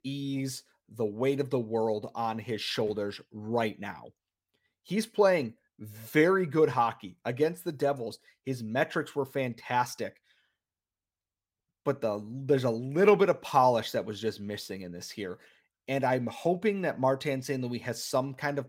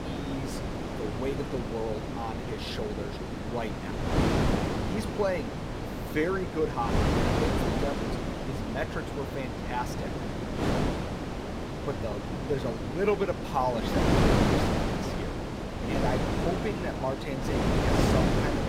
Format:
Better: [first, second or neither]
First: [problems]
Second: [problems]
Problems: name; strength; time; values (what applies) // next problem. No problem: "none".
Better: first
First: none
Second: wind noise on the microphone; heavy; 1 dB above the speech